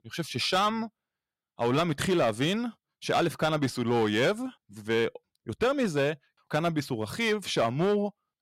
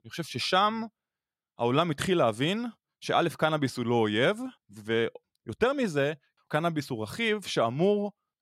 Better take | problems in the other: second | distortion; slight; 6% of the sound clipped

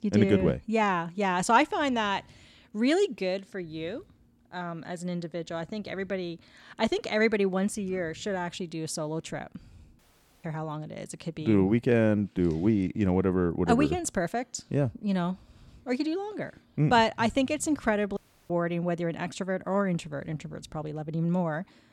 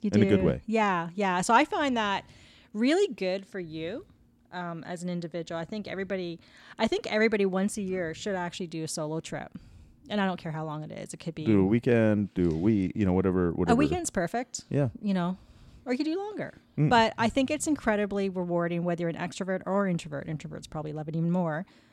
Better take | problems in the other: second | audio cutting out; at 10 s and at 18 s

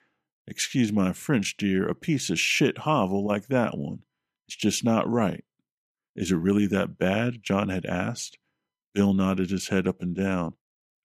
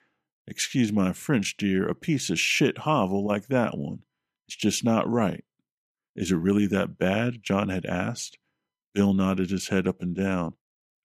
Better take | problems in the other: neither | none

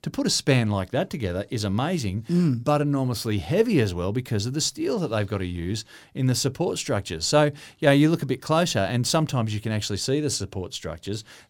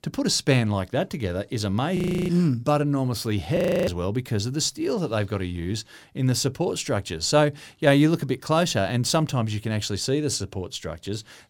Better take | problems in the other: first | audio freezing; at 2 s and at 3.5 s

